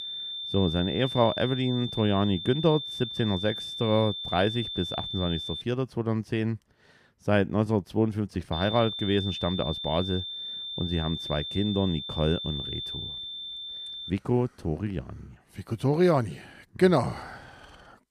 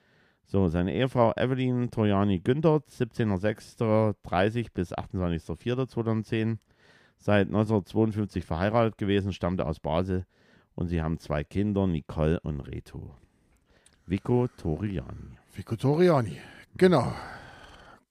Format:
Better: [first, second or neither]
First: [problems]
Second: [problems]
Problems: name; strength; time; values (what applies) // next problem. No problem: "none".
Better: second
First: high-pitched whine; loud; until 5.5 s and from 8.5 to 14 s; 3.5 kHz, 6 dB below the speech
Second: none